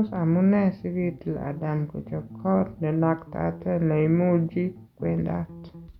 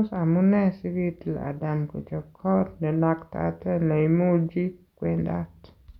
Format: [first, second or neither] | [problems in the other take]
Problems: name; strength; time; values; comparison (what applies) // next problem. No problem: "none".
second | background sound (Bass guitar); 17 dB below the speech